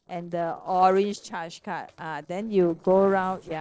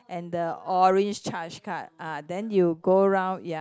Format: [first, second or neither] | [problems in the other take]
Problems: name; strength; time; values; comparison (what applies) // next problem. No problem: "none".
second | noise reduction (neural separator model SepFormer DNS4)